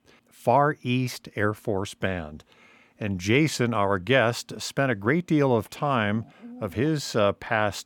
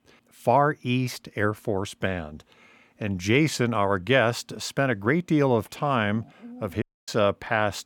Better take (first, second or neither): first